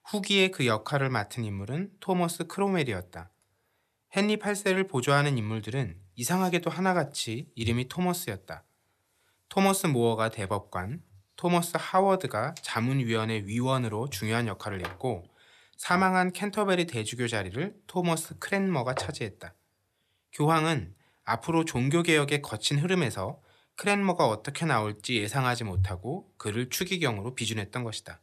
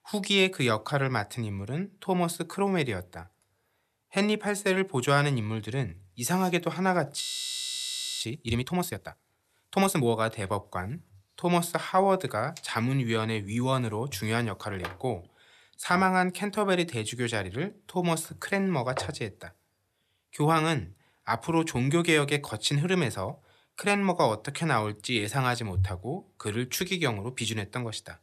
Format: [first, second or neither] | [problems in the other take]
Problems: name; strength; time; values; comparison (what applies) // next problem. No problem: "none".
first | audio freezing; at 7 s for 1 s